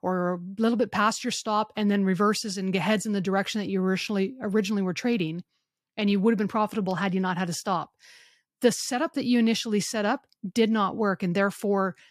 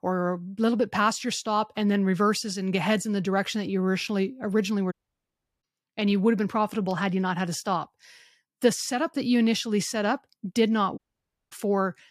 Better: first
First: none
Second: audio cutting out; at 5 s for 0.5 s and at 11 s for 0.5 s

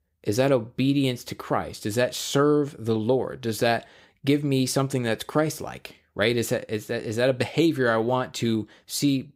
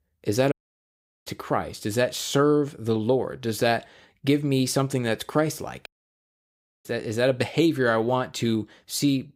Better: first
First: none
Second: audio cutting out; at 0.5 s for 0.5 s and at 6 s for 1 s

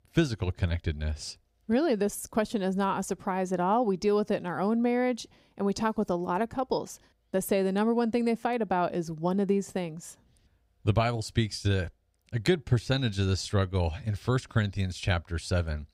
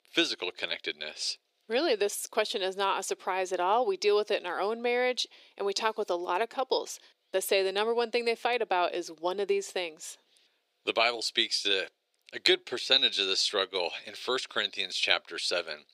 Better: first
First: none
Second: thin; very; fading below 400 Hz

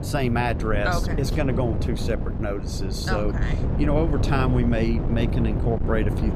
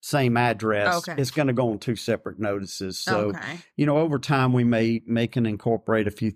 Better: second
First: wind noise on the microphone; heavy; 7 dB below the speech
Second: none

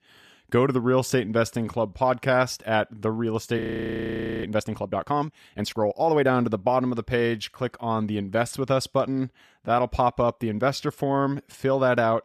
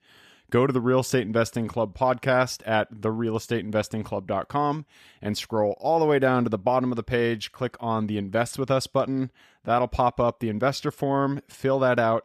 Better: second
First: audio freezing; at 3.5 s for 1 s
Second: none

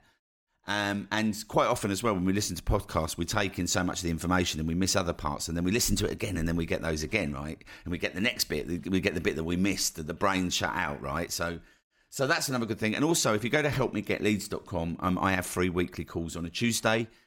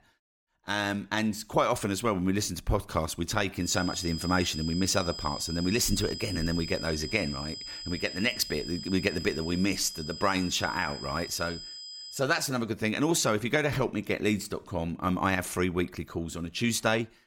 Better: first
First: none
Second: high-pitched whine; loud; from 3.5 to 12 s; 5 kHz, 9 dB below the speech

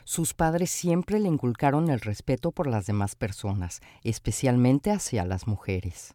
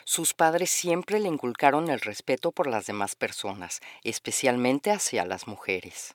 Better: first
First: none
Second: thin; somewhat; fading below 400 Hz

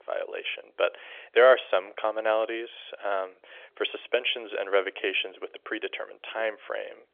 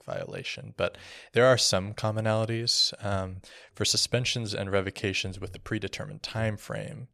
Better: second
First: phone-call audio; nothing above 3.5 kHz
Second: none

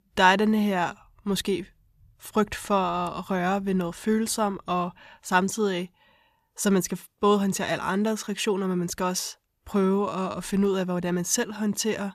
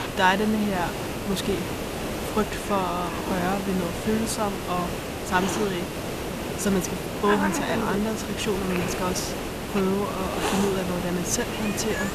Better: first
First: none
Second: hiss; loud; throughout; 2 dB below the speech

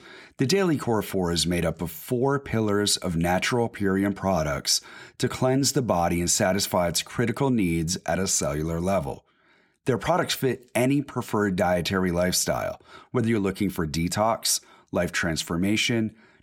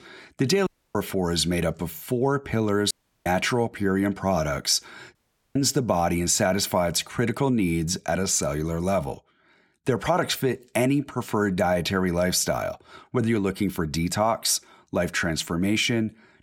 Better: first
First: none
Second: audio cutting out; at 0.5 s, at 3 s and at 5 s

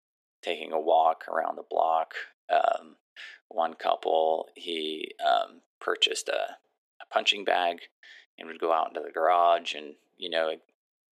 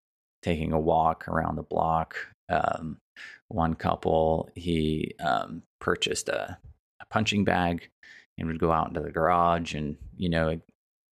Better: second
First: thin; very; fading below 350 Hz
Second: none

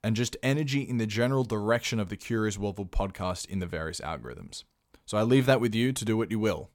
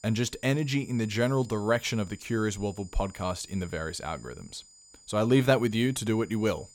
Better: first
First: none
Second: high-pitched whine; faint; throughout; 7 kHz, 25 dB below the speech

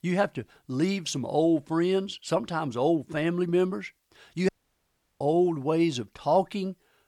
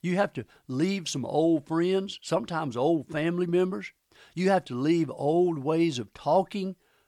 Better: second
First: audio cutting out; at 4.5 s for 0.5 s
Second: none

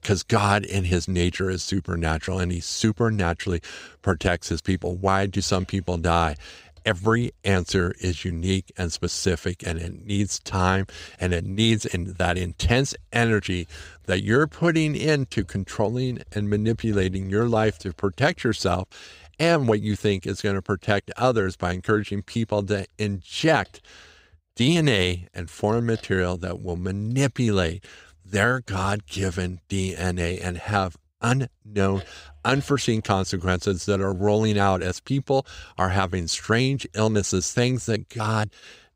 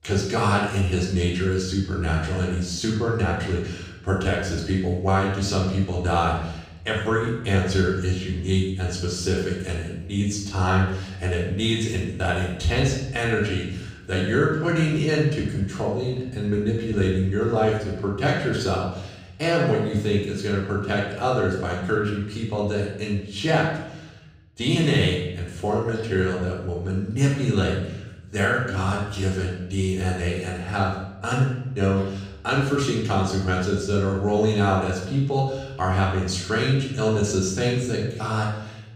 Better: first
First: none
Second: off-mic speech; far // room echo; noticeable; dies away in 0.8 s

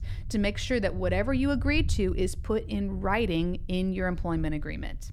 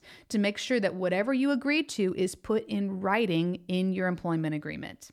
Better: second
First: low rumble; faint; throughout; 25 dB below the speech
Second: none

